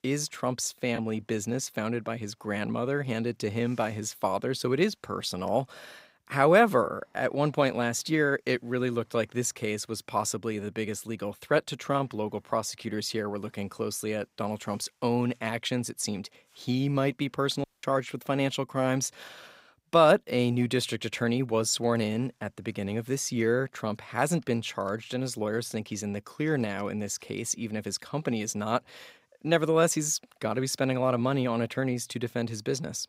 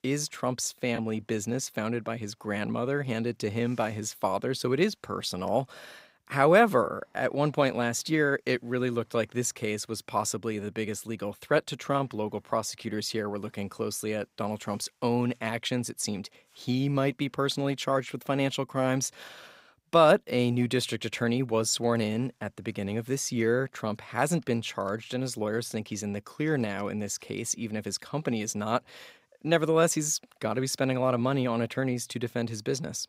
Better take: second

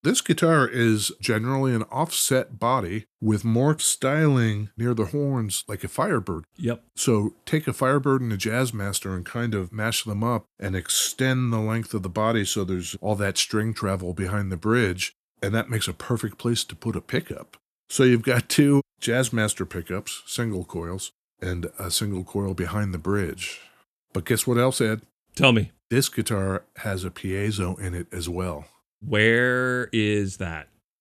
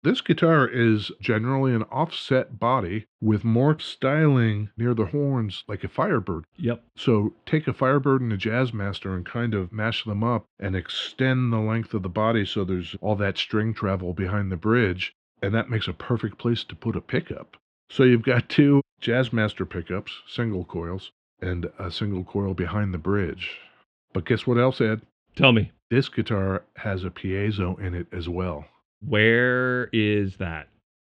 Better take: first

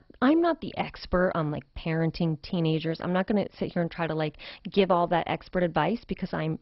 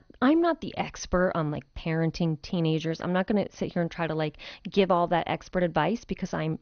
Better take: second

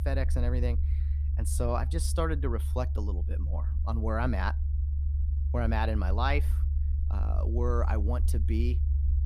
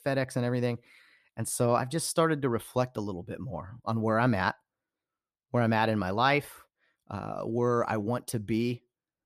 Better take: second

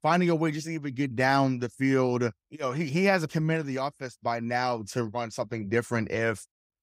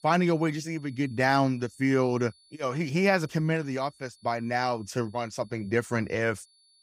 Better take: first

